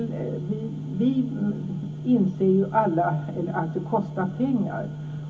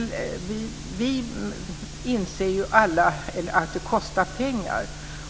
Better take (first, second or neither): second